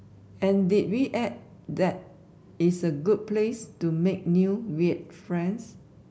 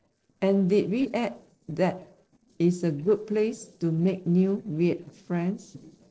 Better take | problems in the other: first | noise reduction (neural separator model SepFormer DNS4)

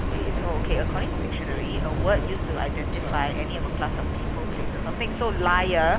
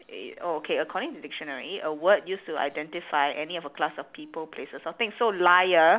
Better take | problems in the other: second | background sound (Subway, metro, underground); 2 dB above the speech

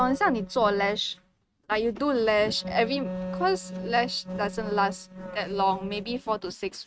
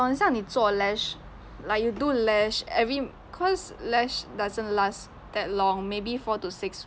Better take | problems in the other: second | noise reduction (neural mask model RNNoise)

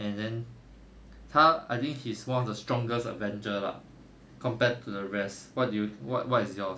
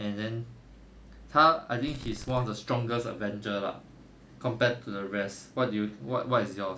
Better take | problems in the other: first | background sound (Fireworks); 14 dB below the speech

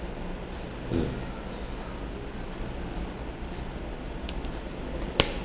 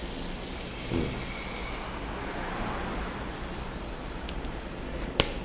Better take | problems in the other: first | background sound (Car passing by + Sink (filling or washing) / Water tap, faucet); 6 dB below the speech

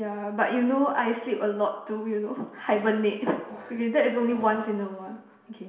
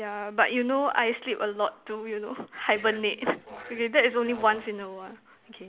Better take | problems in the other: second | room echo; dies away in 0.7 s

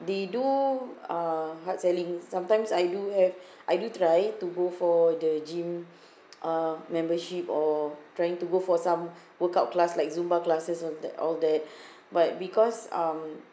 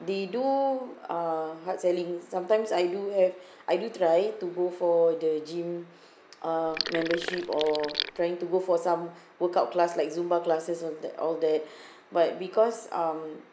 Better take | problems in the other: first | background sound (Sink (filling or washing)); 6 dB below the speech

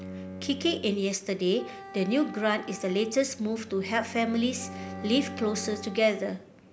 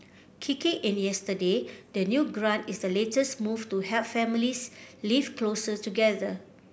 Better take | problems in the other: second | background sound (Wind instrument, woodwind instrument + Bowed string instrument); 14 dB below the speech

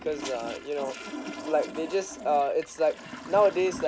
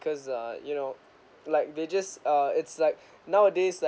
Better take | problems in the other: second | background sound (Toilet flush); 12 dB below the speech

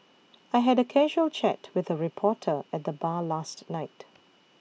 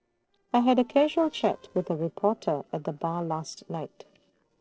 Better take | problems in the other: first | noise reduction (neural separator model SepFormer DNS4)

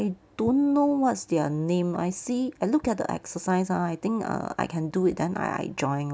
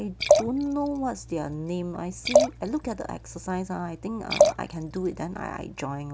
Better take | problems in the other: first | background sound (Liquid); 3 dB above the speech

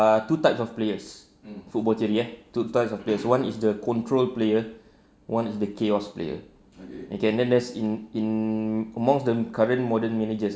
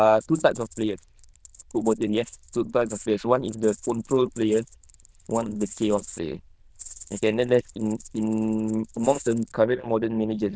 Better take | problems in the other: first | noise reduction (neural diffusion model UNIVERSE++)

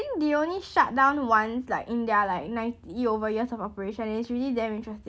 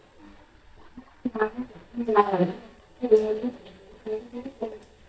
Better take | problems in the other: first | noise reduction (neural mask model DeepFilterNet 3)

